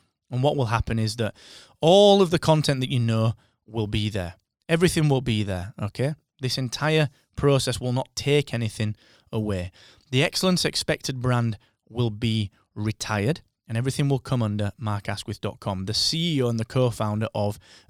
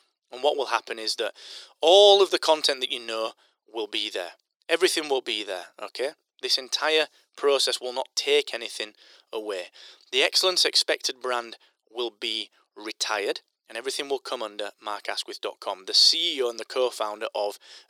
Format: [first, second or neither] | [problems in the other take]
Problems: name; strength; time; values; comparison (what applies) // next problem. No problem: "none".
first | thin; very; fading below 350 Hz